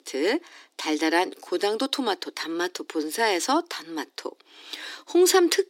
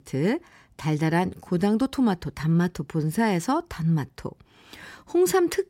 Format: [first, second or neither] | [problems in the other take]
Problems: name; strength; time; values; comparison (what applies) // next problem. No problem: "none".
second | thin; very; fading below 300 Hz